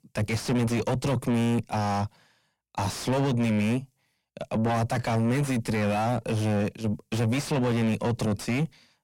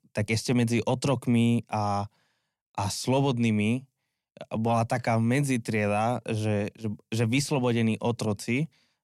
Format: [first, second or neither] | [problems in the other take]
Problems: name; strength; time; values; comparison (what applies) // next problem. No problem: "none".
second | distortion; heavy; 6 dB below the speech